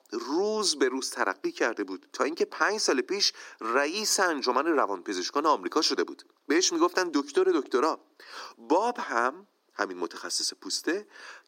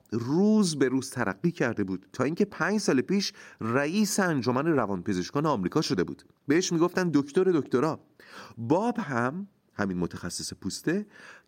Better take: second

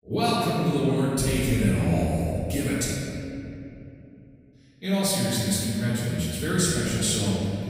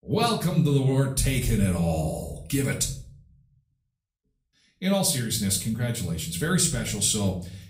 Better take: second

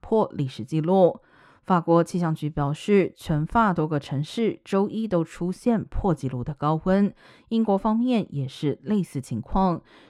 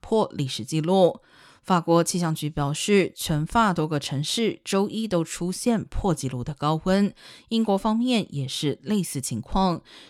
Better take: second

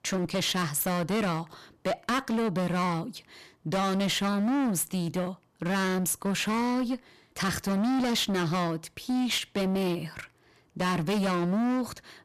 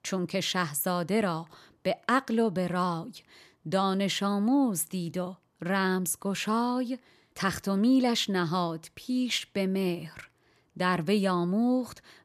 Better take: second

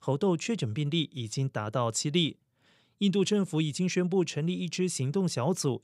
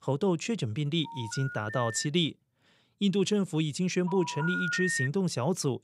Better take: first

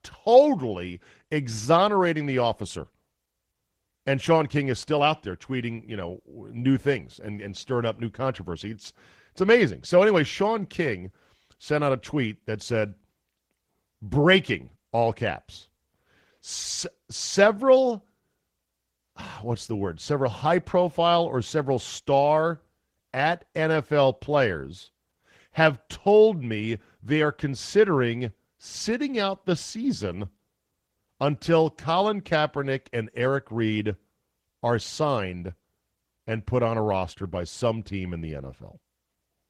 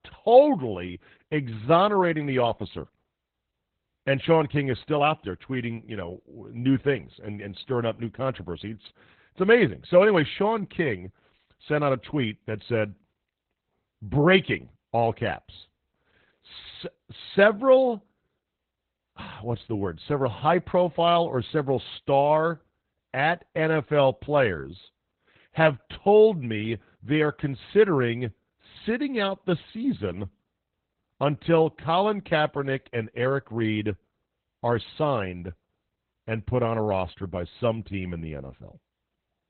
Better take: first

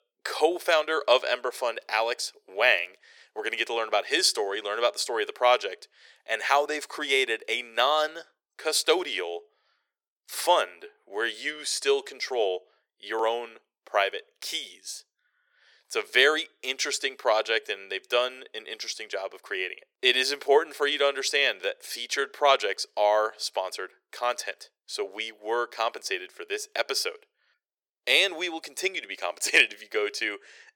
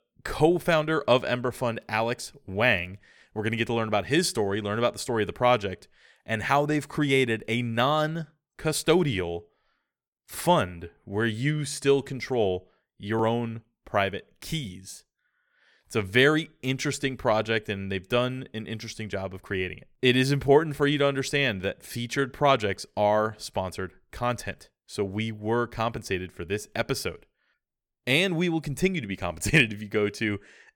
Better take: second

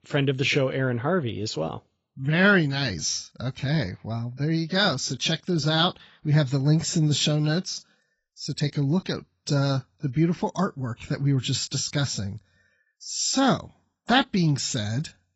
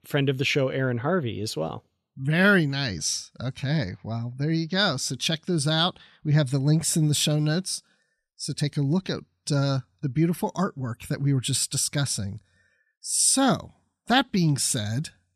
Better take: second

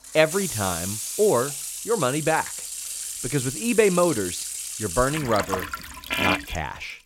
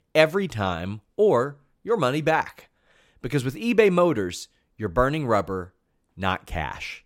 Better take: second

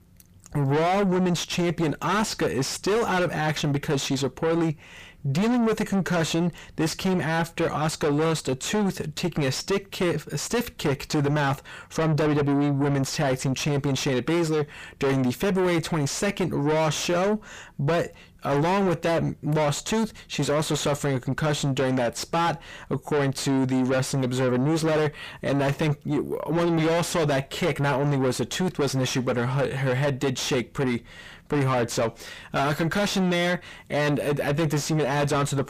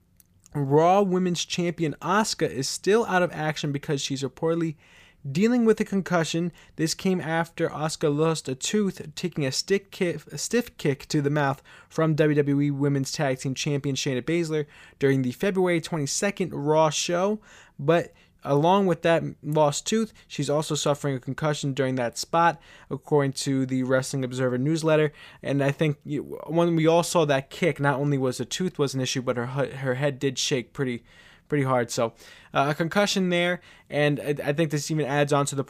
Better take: second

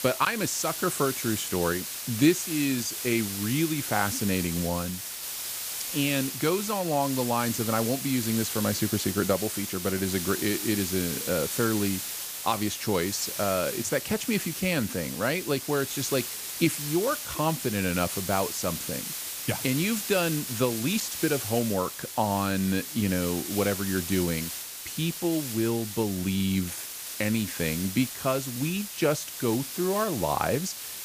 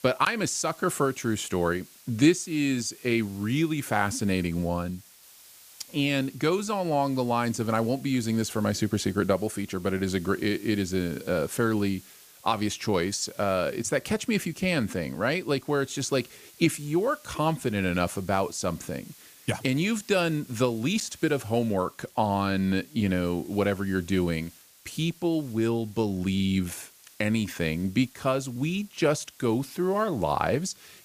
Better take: second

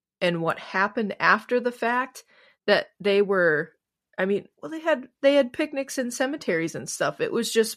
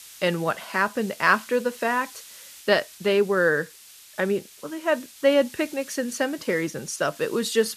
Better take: first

